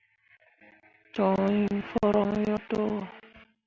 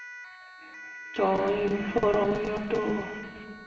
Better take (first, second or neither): first